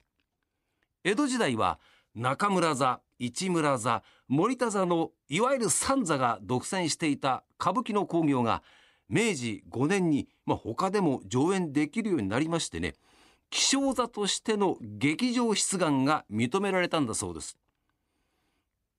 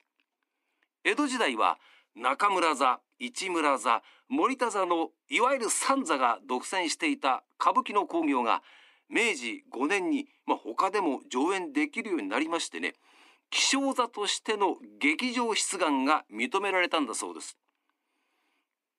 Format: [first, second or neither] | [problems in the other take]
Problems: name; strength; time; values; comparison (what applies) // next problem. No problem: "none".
first | thin; very slightly; fading below 250 Hz